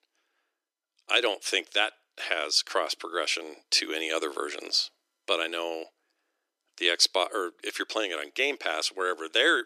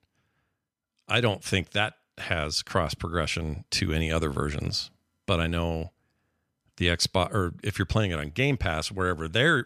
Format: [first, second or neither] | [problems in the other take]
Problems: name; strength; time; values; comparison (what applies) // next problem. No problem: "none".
second | thin; very; fading below 300 Hz